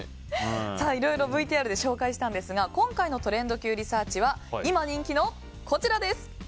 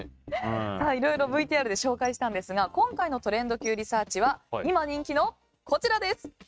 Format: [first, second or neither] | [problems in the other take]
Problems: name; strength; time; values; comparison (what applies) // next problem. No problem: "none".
first | noise reduction (neural mask model RNNoise)